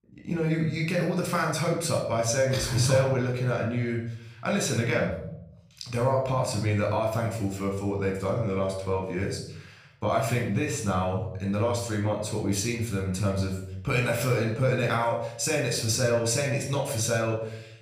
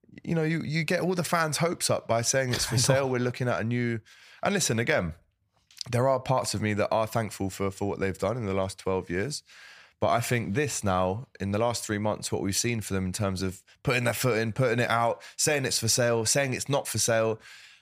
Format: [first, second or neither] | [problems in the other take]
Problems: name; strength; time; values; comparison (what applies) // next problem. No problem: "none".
second | off-mic speech; somewhat distant // room echo; noticeable; dies away in 0.6 s